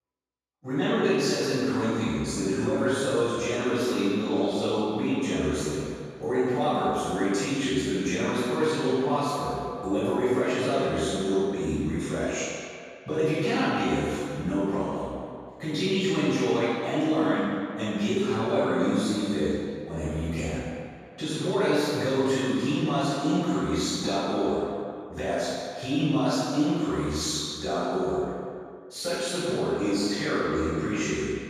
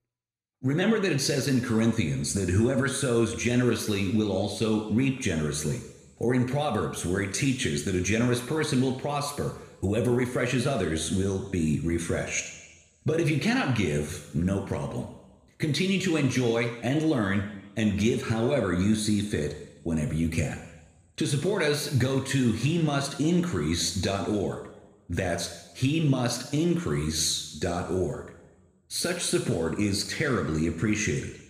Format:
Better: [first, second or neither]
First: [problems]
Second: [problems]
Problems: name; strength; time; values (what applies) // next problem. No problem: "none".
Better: second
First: room echo; strong; dies away in 2.1 s // off-mic speech; far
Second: room echo; slight; dies away in 1 s